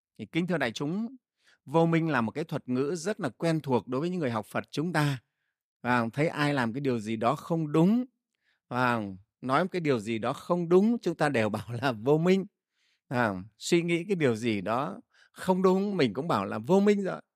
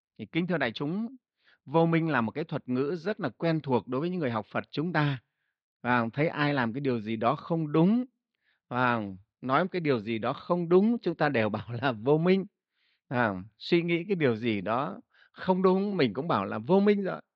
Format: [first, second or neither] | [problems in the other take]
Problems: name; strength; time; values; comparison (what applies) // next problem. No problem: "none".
first | muffled; very slightly; fading above 4 kHz